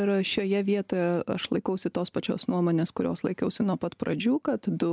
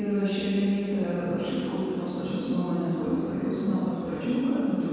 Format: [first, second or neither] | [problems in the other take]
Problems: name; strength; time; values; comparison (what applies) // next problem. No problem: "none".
first | room echo; dies away in 2.1 s